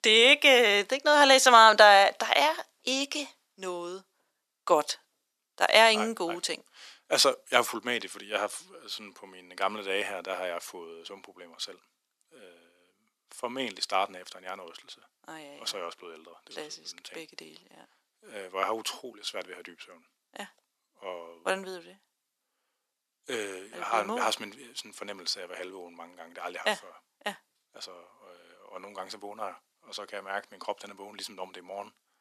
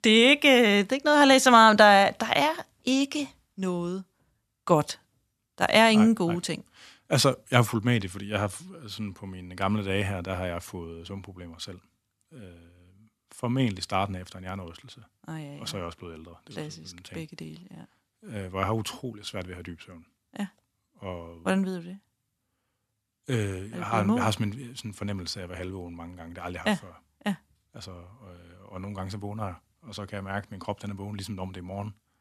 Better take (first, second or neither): second